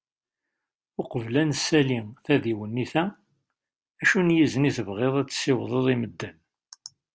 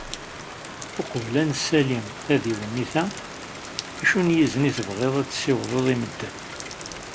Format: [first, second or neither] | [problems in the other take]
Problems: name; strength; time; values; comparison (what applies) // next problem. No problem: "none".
first | background sound (Rain); 11 dB below the speech